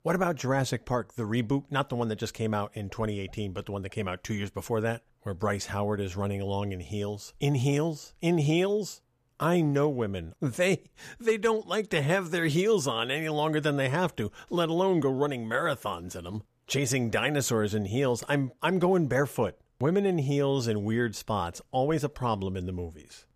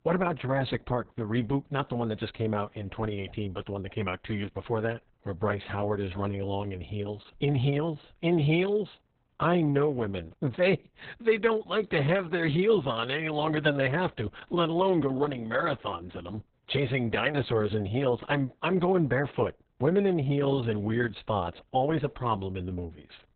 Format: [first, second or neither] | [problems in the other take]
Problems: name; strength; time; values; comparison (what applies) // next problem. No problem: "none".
first | garbled, watery; badly; nothing above 4 kHz